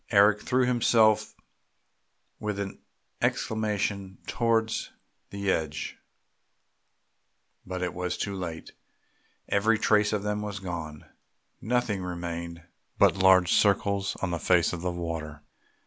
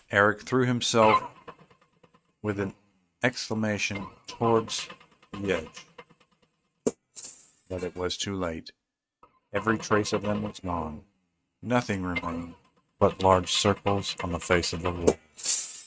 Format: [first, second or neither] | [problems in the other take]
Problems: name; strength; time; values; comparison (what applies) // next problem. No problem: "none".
first | noise reduction (neural mask model RNNoise)